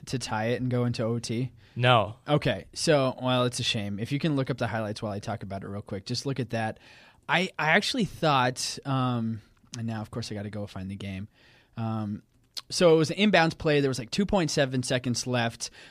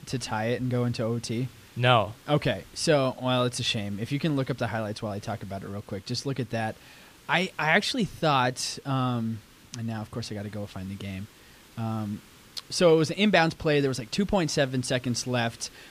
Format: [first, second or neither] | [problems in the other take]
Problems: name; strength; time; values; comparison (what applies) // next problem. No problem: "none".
first | hiss; faint; throughout; 25 dB below the speech